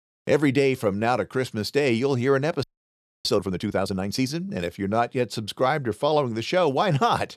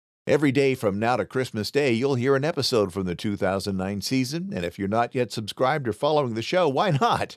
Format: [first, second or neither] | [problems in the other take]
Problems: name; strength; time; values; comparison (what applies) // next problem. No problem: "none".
second | audio freezing; at 2.5 s for 0.5 s